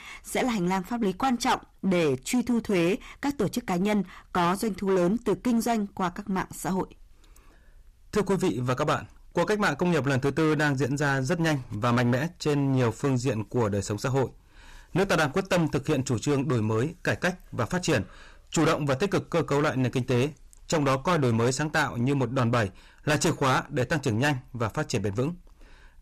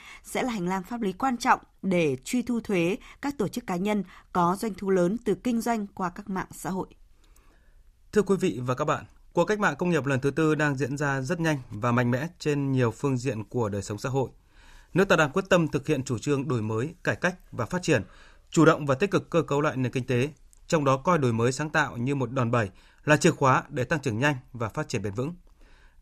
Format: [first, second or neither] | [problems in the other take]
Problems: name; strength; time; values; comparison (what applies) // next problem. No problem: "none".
second | distortion; heavy; 12% of the sound clipped